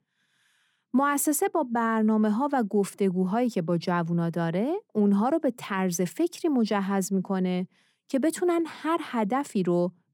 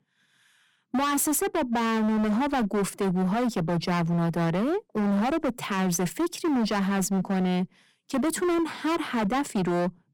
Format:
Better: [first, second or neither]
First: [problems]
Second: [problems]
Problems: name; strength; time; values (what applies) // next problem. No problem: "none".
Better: first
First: none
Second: distortion; heavy; 27% of the sound clipped